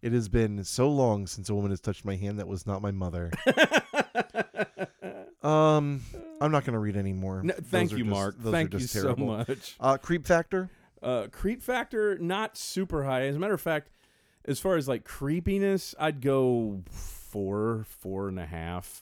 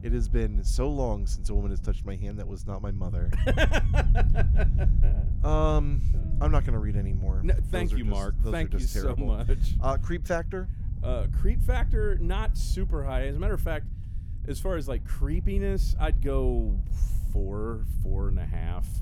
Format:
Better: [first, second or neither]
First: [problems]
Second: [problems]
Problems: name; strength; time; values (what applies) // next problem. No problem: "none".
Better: first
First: none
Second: low rumble; noticeable; throughout; 15 dB below the speech